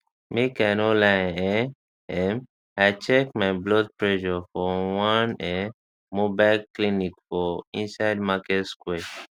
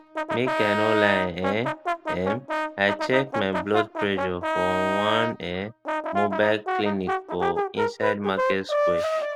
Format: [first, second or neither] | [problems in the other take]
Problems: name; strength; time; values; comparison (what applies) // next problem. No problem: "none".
first | background sound (Brass instrument); as loud as the speech